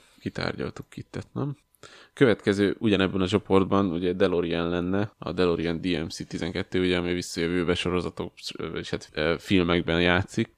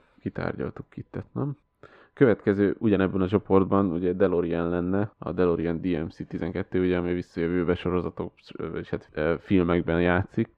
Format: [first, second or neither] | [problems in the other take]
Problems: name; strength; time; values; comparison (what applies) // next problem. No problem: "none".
first | muffled; very; fading above 3.5 kHz